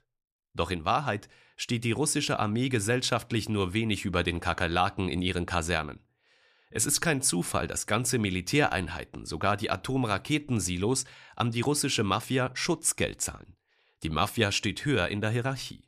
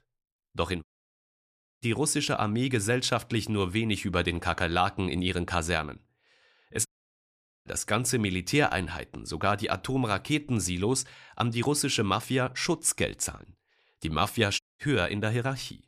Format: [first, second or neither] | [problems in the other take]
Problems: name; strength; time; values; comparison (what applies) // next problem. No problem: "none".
first | audio cutting out; at 1 s for 1 s, at 7 s for 1 s and at 15 s